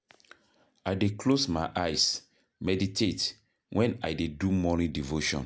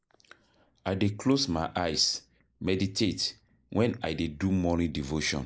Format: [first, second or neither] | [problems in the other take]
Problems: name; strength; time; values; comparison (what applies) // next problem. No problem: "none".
first | noise reduction (neural mask model Resemble Enhance denoiser)